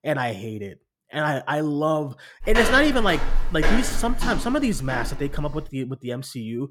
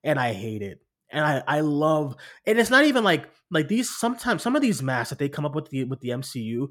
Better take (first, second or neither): second